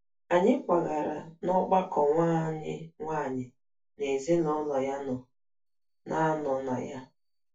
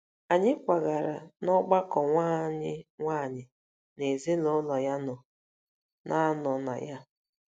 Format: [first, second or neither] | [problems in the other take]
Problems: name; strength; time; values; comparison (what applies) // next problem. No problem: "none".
second | room echo; dies away in 0.1 s